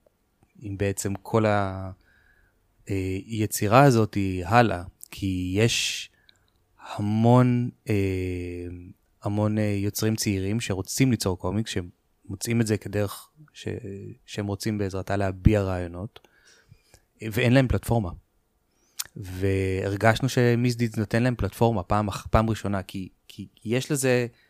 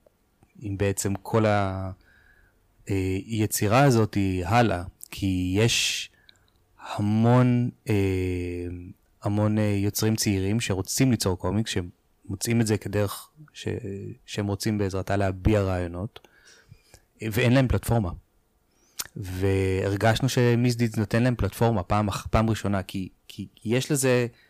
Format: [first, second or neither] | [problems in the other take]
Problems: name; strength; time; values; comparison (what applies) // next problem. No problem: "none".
first | distortion; slight; 10 dB below the speech